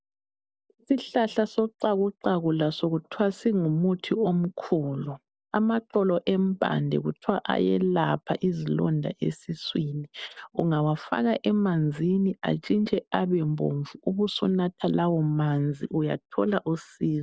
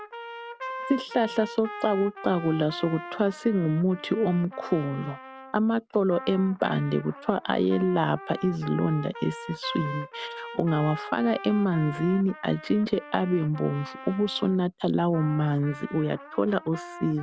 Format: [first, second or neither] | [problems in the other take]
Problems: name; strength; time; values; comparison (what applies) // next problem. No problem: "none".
first | background sound (Trumpet); 14 dB below the speech